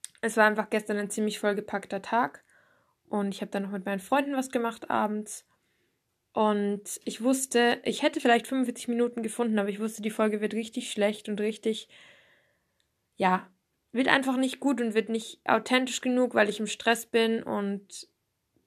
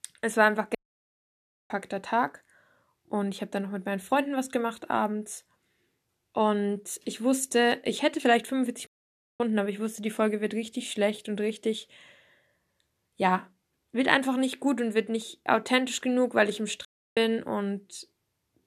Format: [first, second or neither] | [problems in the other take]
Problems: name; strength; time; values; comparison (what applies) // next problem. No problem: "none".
first | audio cutting out; at 1 s for 1 s, at 9 s for 0.5 s and at 17 s